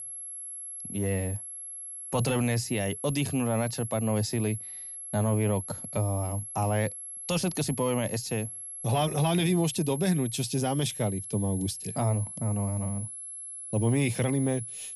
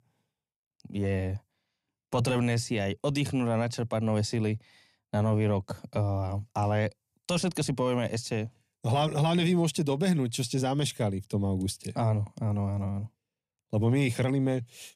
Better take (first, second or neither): second